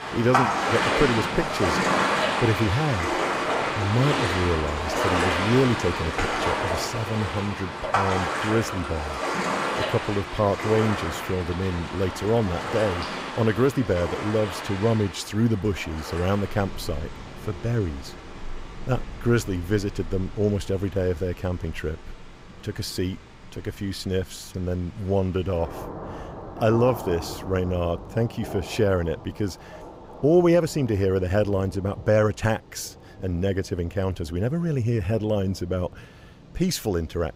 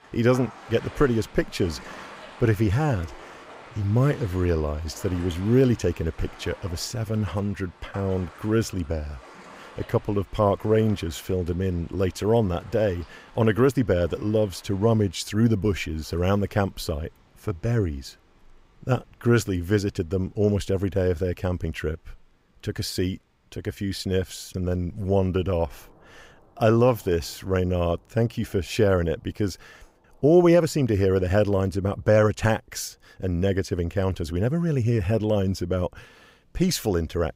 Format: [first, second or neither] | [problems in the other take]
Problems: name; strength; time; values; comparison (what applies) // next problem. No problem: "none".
second | rain or running water; loud; throughout; 2 dB below the speech; faint in the second